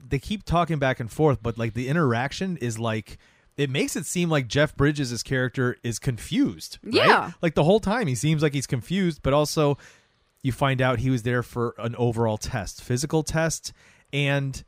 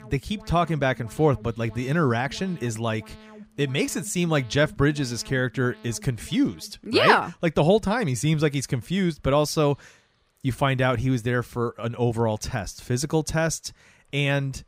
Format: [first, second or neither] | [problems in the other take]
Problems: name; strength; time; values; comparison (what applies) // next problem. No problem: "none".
first | alarms or sirens; faint; throughout; 25 dB below the speech